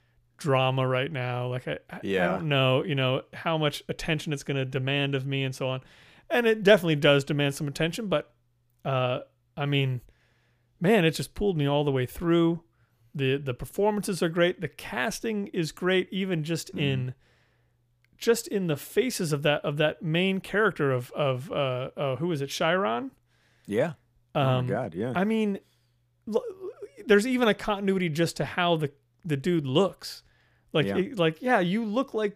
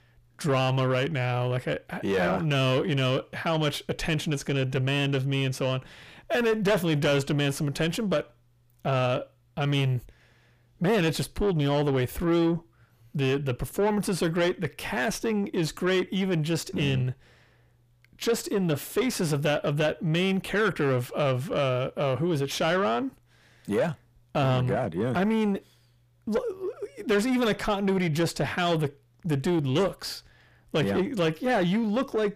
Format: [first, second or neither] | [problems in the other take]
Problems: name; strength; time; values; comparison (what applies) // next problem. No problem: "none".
first | distortion; heavy; 8 dB below the speech